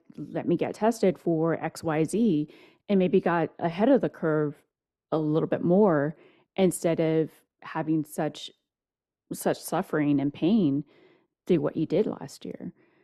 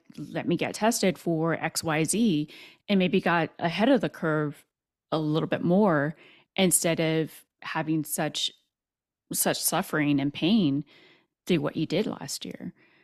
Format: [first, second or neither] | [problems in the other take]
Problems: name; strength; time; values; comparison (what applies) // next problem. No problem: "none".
second | muffled; slightly; fading above 2 kHz